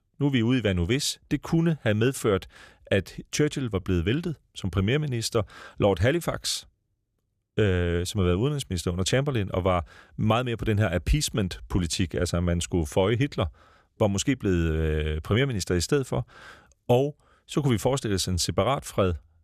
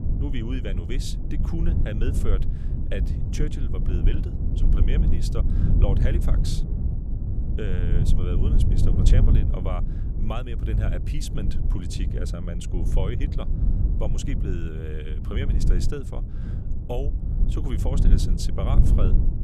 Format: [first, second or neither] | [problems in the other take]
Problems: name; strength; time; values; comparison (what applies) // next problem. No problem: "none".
first | low rumble; loud; throughout; 3 dB below the speech